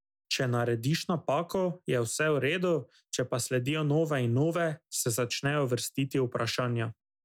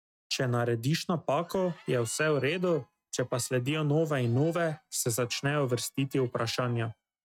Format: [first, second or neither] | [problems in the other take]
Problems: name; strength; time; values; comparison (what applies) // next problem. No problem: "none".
first | noise reduction (neural mask model RNNoise)